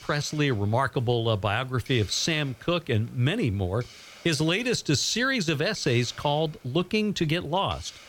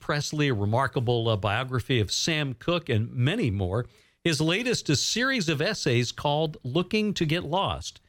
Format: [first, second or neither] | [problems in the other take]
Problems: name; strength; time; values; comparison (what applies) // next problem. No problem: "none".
second | hiss; faint; throughout; 25 dB below the speech